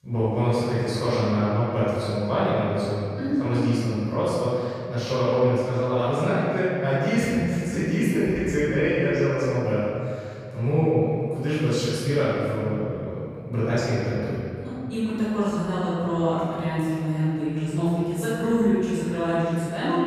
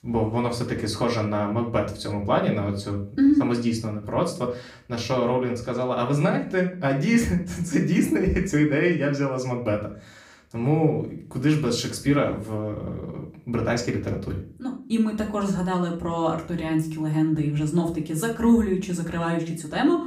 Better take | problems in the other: second | room echo; strong; dies away in 2.3 s; slight in the second // off-mic speech; far; far in the second

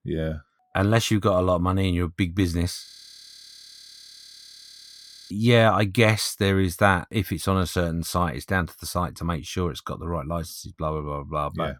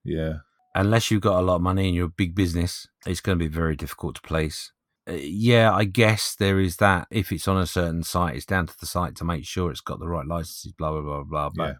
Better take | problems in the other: second | audio freezing; at 3 s for 2.5 s

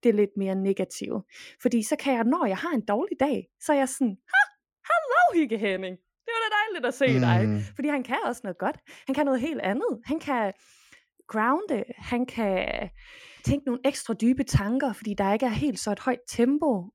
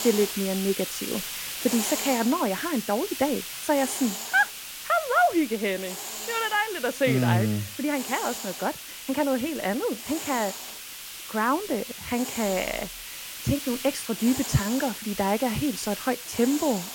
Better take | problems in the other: first | hiss; loud; throughout; 7 dB below the speech

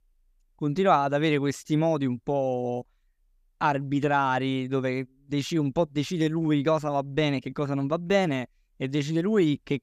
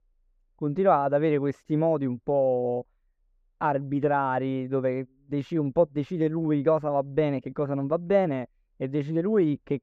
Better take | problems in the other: first | muffled; very; fading above 3 kHz

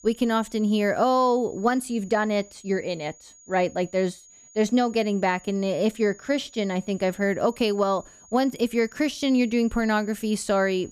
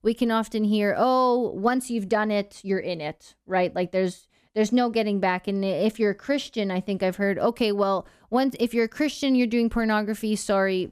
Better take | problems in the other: second | high-pitched whine; faint; throughout; 6.5 kHz, 25 dB below the speech

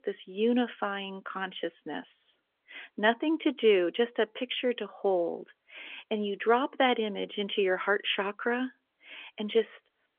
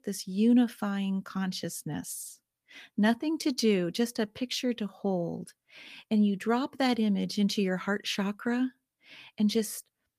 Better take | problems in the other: second | phone-call audio; nothing above 3.5 kHz

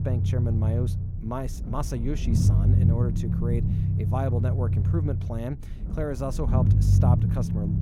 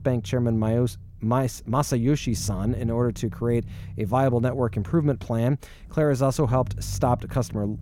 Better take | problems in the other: second | low rumble; loud; throughout; 2 dB below the speech; faint in the second

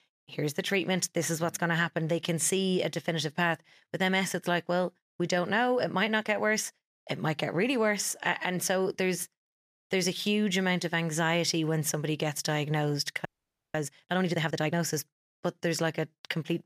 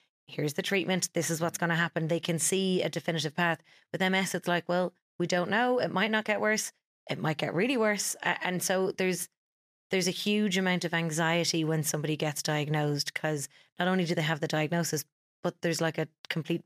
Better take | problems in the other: second | audio freezing; at 13 s

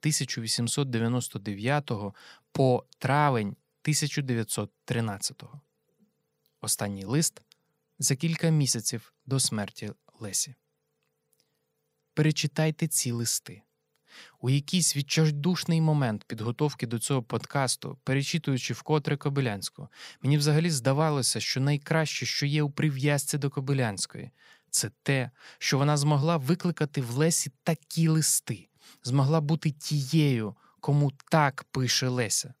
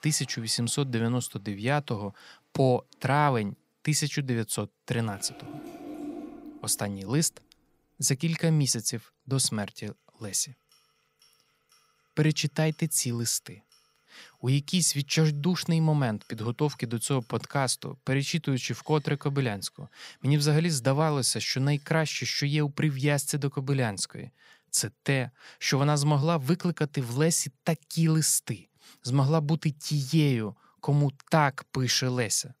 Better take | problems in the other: first | household noises; faint; until 22 s; 20 dB below the speech

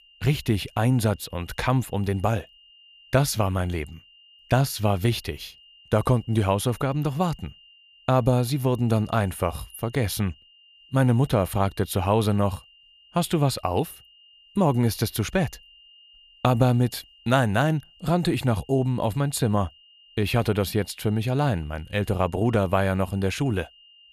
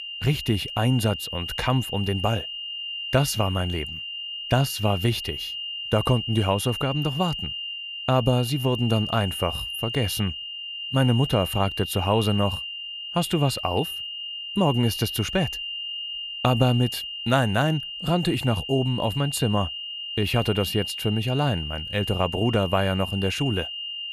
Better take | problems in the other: first | high-pitched whine; loud; throughout; 3 kHz, 6 dB below the speech; faint in the first

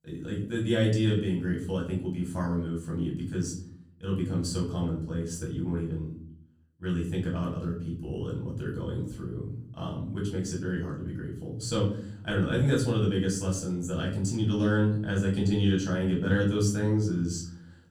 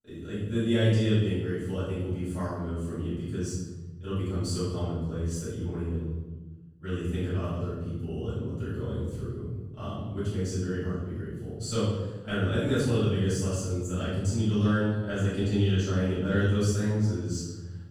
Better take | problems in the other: first | room echo; strong; dies away in 1.2 s; slight in the first // off-mic speech; far; far in the first

